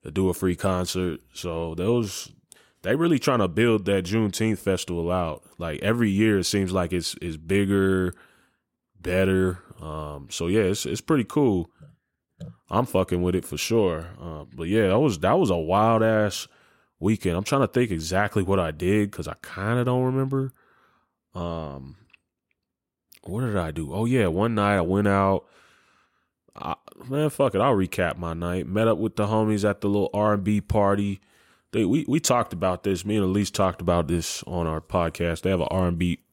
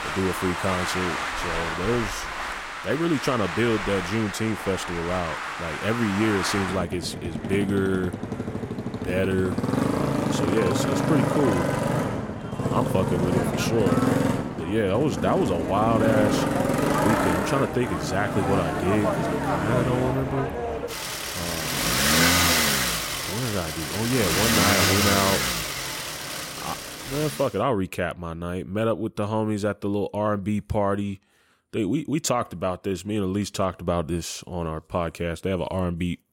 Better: first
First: none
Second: traffic noise; very loud; until 27 s; 1 dB above the speech

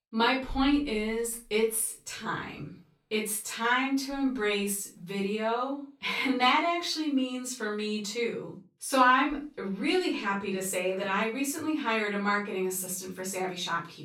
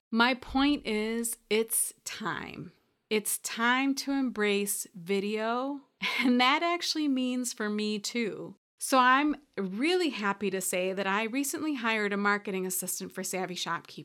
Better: second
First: off-mic speech; far // room echo; slight; dies away in 0.3 s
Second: none

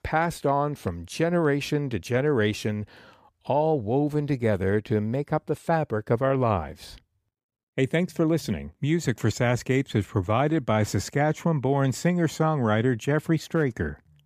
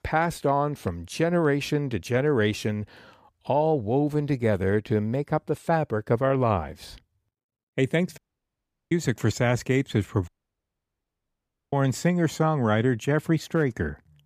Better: first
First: none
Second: audio cutting out; at 8 s for 0.5 s and at 10 s for 1.5 s

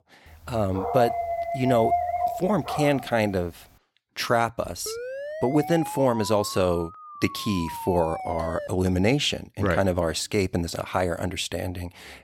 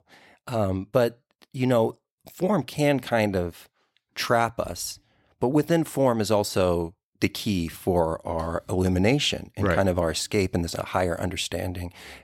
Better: second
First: dog barking; loud; from 0.5 to 3 s; peak 1 dB above the speech // siren; noticeable; from 5 to 8.5 s; peak 8 dB below the speech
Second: none

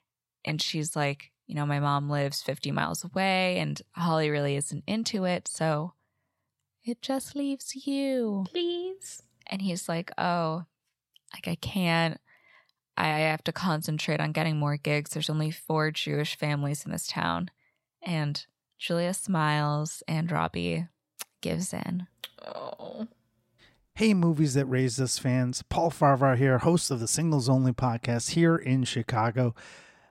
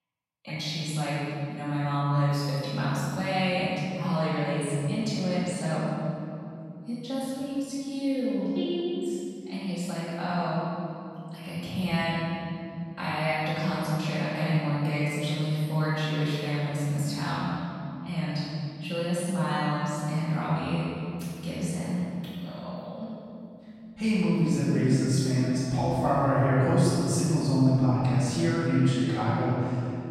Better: first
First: none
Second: room echo; strong; dies away in 3 s // off-mic speech; far

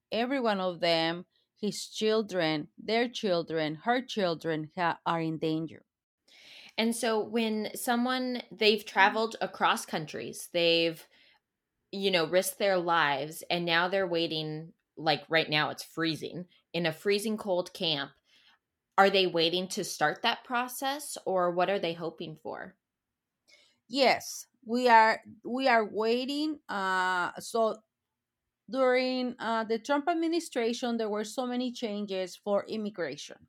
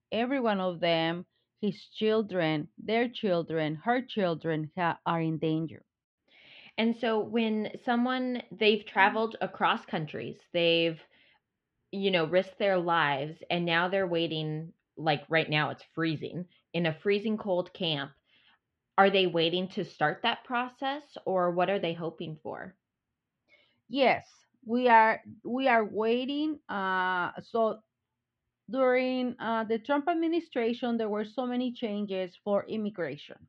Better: first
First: none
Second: muffled; slightly; fading above 3 kHz

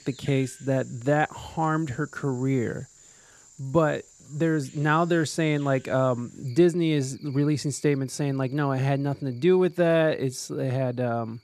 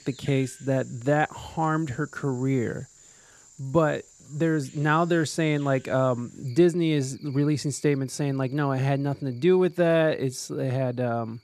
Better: neither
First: animal sounds; faint; throughout; 25 dB below the speech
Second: animal sounds; faint; throughout; 25 dB below the speech

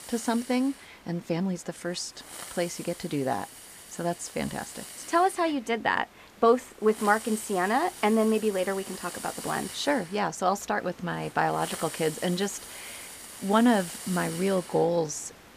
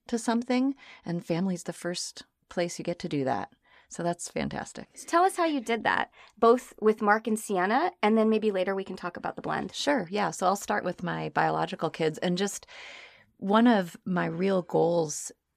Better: second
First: hiss; noticeable; throughout; 15 dB below the speech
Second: none

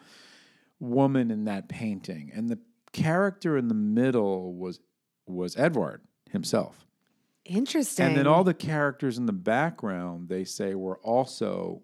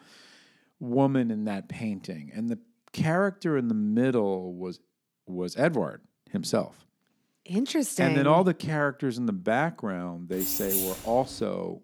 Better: first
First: none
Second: jangling keys; loud; at 10 s; peak 2 dB above the speech

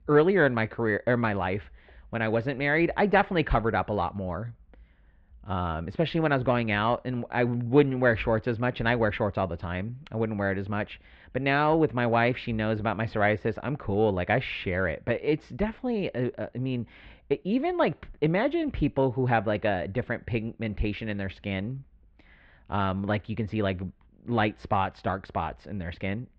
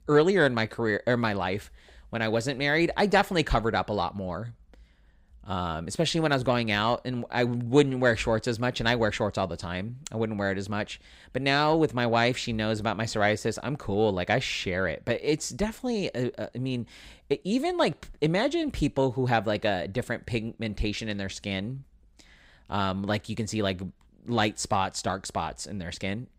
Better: second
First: muffled; very; fading above 3 kHz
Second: none

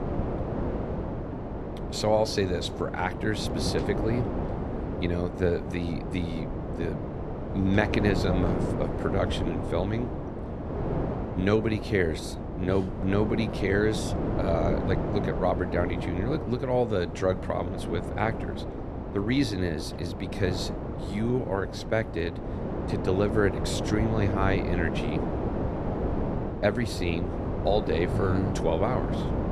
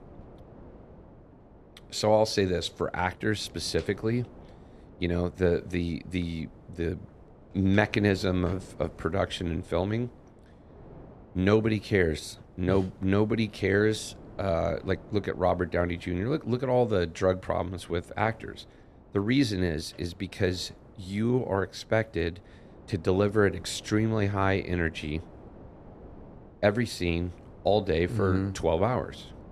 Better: second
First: wind noise on the microphone; heavy; 5 dB below the speech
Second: wind noise on the microphone; occasional gusts; 25 dB below the speech

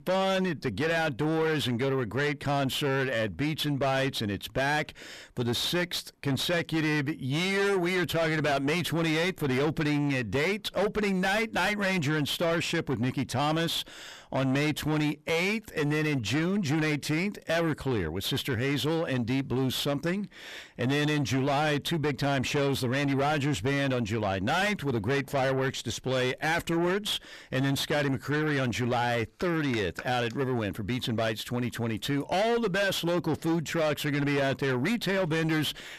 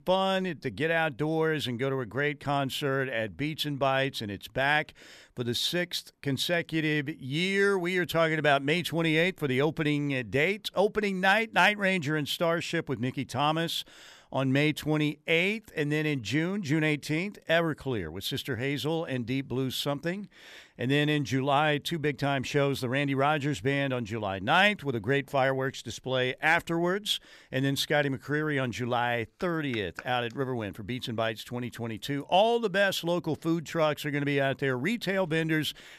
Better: second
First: distortion; heavy; 6 dB below the speech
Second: none

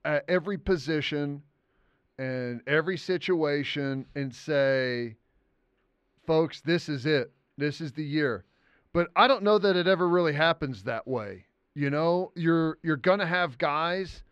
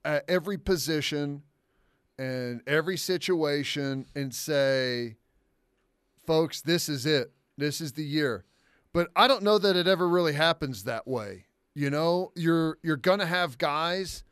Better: second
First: muffled; slightly; fading above 2.5 kHz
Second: none

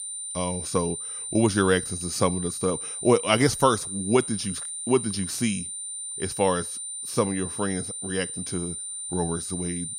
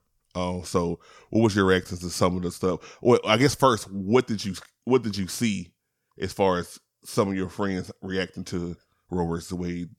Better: second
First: high-pitched whine; loud; throughout; 9 kHz, 5 dB below the speech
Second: none

